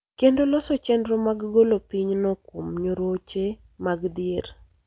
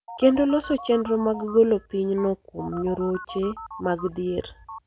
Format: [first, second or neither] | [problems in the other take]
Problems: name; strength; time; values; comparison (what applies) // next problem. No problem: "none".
first | background sound (Telephone); 16 dB below the speech